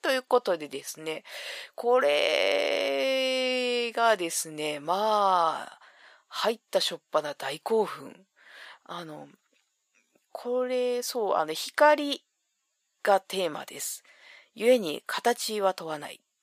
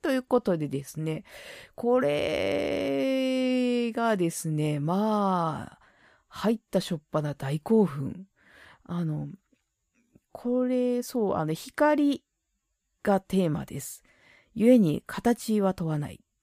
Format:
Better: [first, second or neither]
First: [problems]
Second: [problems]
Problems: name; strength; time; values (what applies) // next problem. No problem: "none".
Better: second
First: thin; very; fading below 650 Hz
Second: none